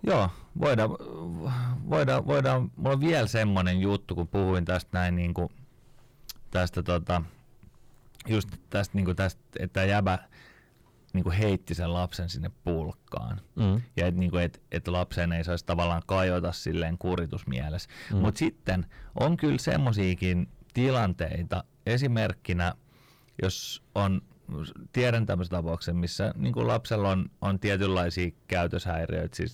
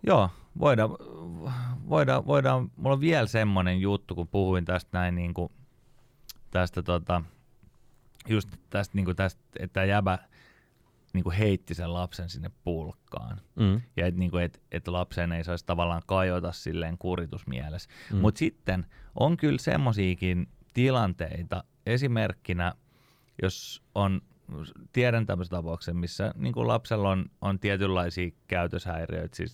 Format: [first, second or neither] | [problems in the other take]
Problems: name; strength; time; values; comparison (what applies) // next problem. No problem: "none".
second | distortion; slight; 10 dB below the speech